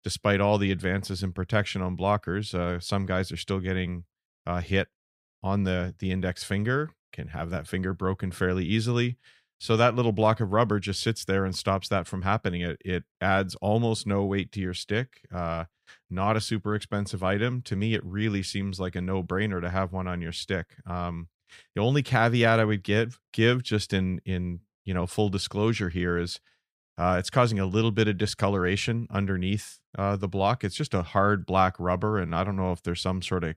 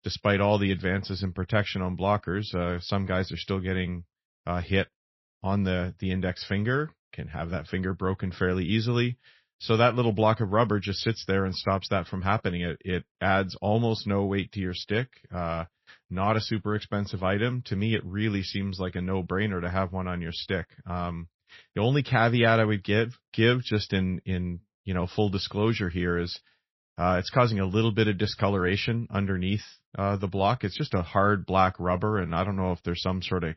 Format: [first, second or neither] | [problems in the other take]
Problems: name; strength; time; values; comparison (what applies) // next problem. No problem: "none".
first | garbled, watery; slightly; nothing above 5.5 kHz